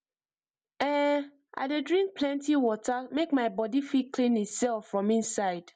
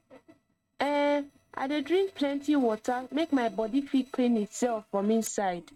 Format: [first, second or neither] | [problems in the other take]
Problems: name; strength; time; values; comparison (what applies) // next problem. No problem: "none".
first | noise reduction (neural mask model RNNoise)